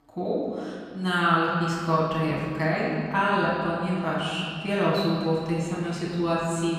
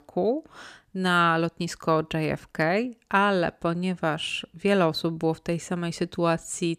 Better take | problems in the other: second | off-mic speech; far // room echo; strong; dies away in 2.1 s

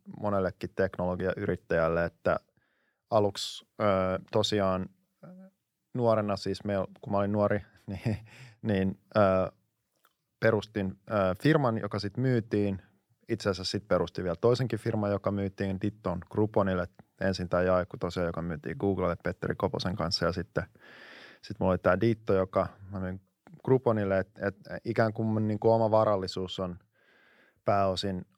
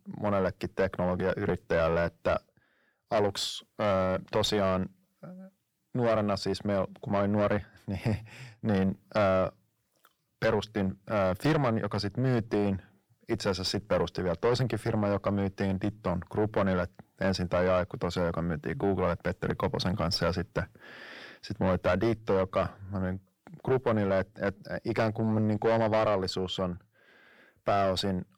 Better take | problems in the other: first | distortion; heavy; 7 dB below the speech

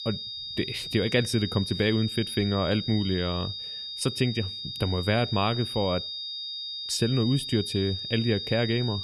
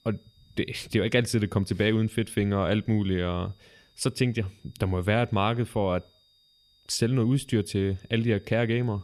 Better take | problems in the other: second | high-pitched whine; loud; throughout; 3.5 kHz, 5 dB below the speech; faint in the second

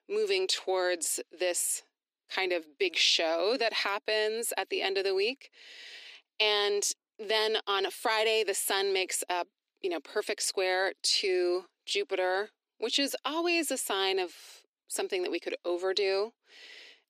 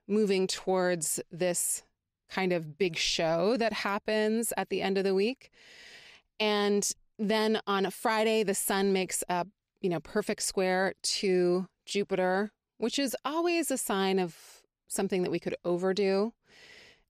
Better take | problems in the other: second | thin; somewhat; fading below 300 Hz

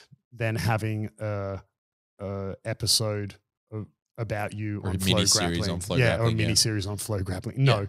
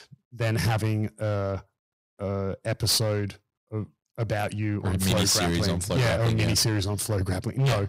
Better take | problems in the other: first | distortion; heavy; 11% of the sound clipped

